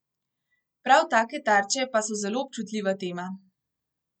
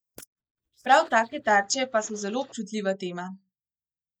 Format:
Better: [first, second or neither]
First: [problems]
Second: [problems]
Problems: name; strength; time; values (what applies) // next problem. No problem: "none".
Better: first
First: none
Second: noise reduction (neural mask model DeepFilterNet 3)